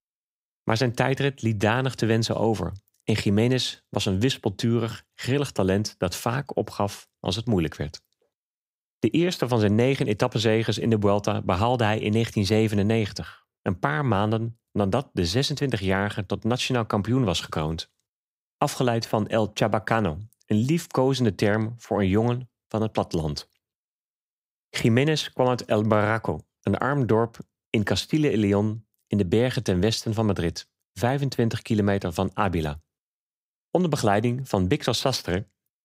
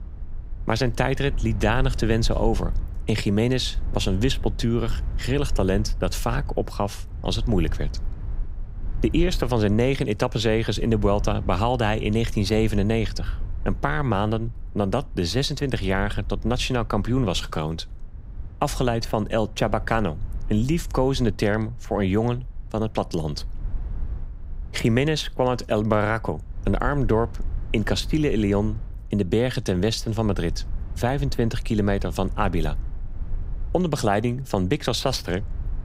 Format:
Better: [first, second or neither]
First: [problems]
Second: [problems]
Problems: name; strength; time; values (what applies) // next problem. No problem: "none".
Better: first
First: none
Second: low rumble; faint; throughout; 25 dB below the speech